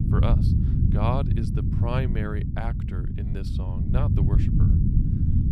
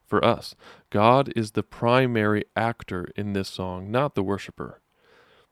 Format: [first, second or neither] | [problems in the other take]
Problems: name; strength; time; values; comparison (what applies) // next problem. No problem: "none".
second | low rumble; loud; throughout; 1 dB below the speech